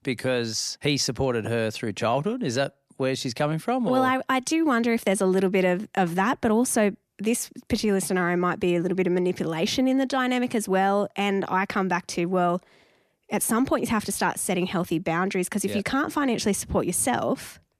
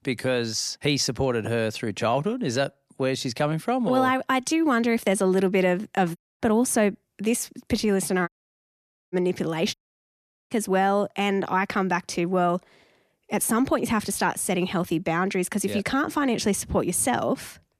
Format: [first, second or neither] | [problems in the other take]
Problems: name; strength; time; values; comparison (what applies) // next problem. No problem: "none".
first | audio cutting out; at 6 s, at 8.5 s for 1 s and at 9.5 s for 1 s